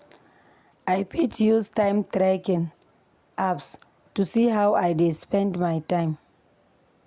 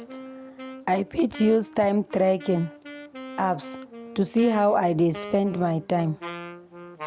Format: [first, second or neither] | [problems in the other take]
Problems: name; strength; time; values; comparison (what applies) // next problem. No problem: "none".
first | background sound (Wind instrument, woodwind instrument); 15 dB below the speech